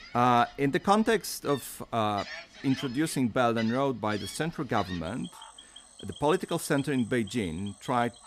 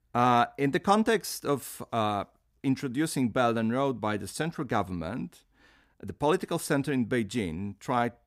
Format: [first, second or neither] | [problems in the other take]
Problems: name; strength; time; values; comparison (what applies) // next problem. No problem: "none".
second | animal sounds; noticeable; throughout; 15 dB below the speech